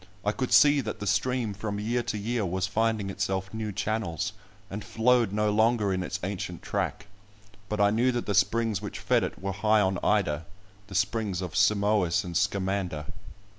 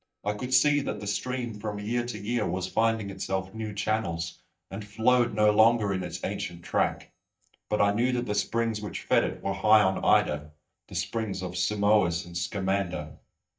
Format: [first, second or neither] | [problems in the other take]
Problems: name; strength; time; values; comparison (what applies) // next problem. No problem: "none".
first | noise reduction (neural mask model DeepFilterNet 3)